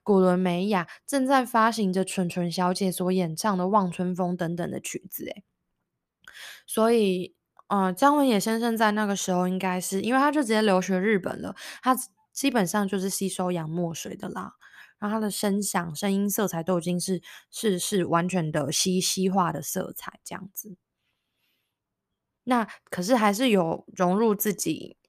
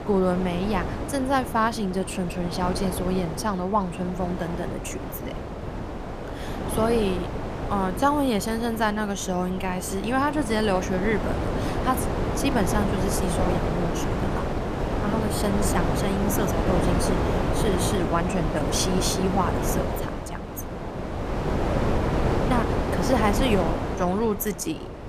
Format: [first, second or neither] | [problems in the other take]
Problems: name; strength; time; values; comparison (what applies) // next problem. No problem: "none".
first | wind noise on the microphone; heavy; 3 dB below the speech